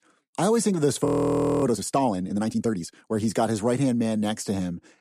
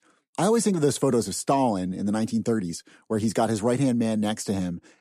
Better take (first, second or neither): second